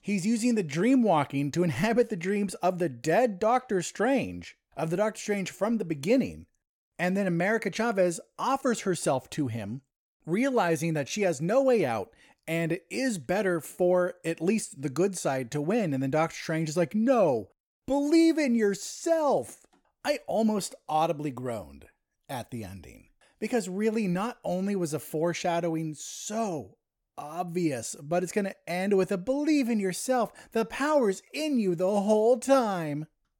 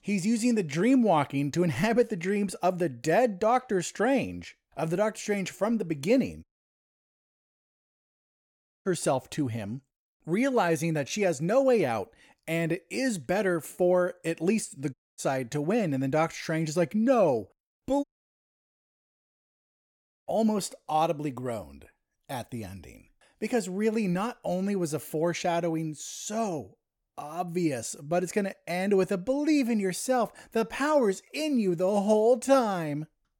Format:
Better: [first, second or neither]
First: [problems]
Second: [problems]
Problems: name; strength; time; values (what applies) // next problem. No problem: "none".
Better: first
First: none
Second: audio cutting out; at 6.5 s for 2.5 s, at 15 s and at 18 s for 2 s